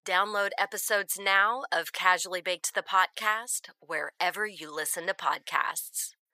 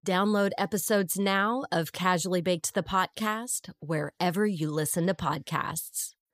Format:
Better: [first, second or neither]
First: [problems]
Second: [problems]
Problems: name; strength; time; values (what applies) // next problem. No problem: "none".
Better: second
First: thin; very; fading below 750 Hz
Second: none